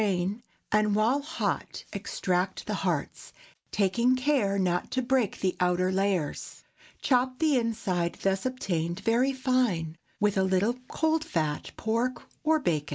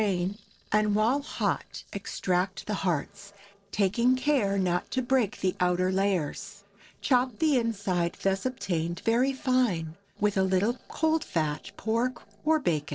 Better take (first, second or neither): first